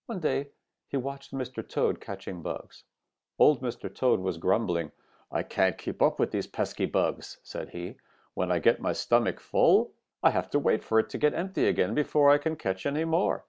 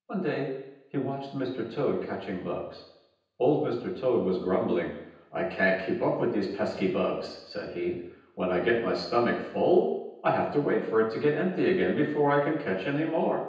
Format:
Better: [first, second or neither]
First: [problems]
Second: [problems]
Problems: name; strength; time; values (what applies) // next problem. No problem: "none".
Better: first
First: none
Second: room echo; dies away in 0.9 s